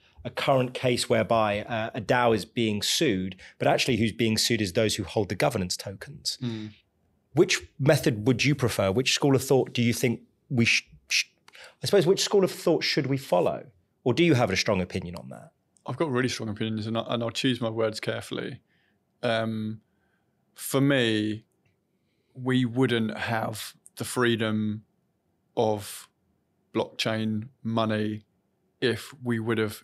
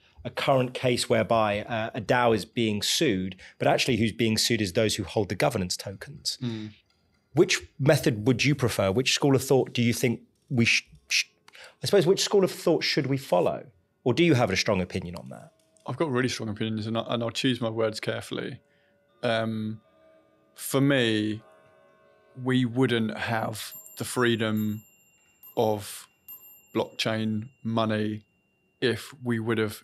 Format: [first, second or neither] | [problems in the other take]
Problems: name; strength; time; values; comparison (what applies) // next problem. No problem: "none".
first | household noises; faint; throughout; 30 dB below the speech